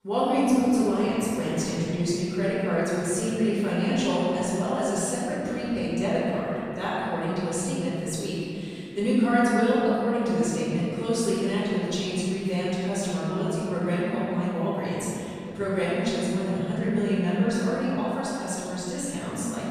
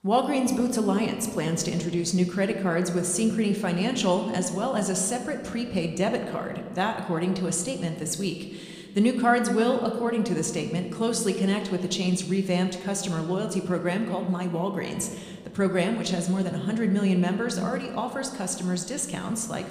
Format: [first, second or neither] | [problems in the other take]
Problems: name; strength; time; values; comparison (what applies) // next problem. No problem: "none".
second | room echo; strong; dies away in 2.9 s; slight in the second // off-mic speech; far